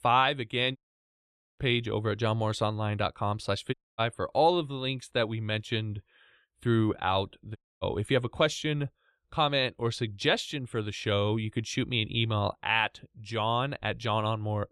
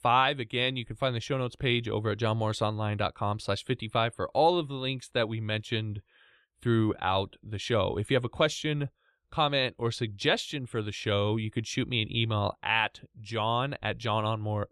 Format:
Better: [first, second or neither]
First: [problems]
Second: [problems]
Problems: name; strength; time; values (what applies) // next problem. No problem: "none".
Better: second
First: audio cutting out; at 1 s for 1 s, at 3.5 s and at 7.5 s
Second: none